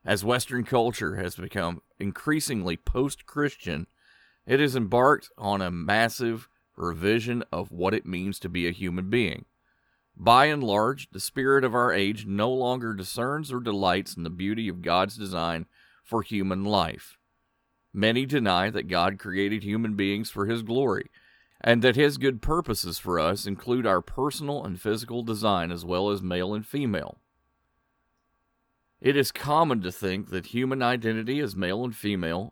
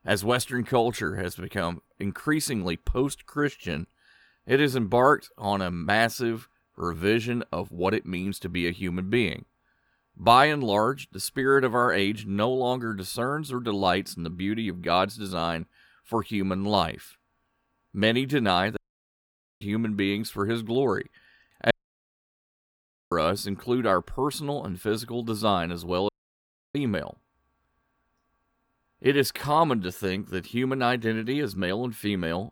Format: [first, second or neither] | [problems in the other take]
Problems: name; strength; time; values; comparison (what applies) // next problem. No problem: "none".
first | audio cutting out; at 19 s for 1 s, at 22 s for 1.5 s and at 26 s for 0.5 s